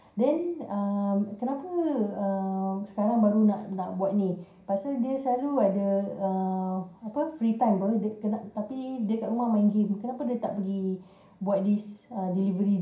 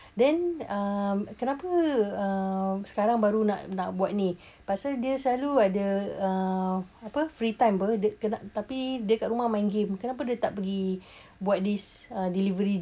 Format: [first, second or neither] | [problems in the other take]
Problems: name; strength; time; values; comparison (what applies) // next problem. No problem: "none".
second | room echo; dies away in 0.5 s